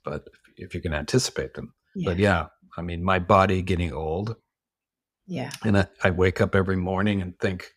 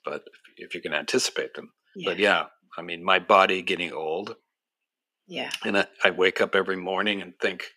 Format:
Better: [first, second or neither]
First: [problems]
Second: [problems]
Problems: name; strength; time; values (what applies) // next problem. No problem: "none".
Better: first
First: none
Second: thin; somewhat; fading below 300 Hz